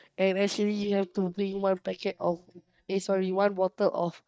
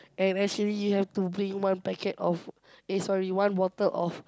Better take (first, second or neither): second